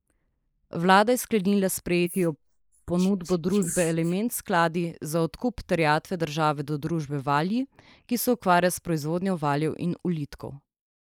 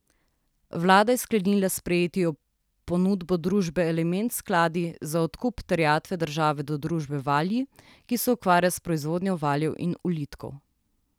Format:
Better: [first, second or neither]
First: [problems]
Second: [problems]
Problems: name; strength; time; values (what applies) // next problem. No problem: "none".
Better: second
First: noise reduction (neural mask model Resemble Enhance denoiser)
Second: none